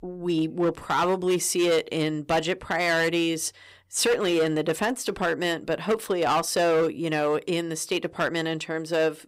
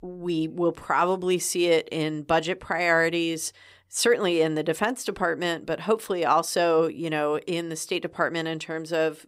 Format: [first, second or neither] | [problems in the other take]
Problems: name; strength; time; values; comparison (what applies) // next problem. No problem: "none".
second | distortion; slight; 9% of the sound clipped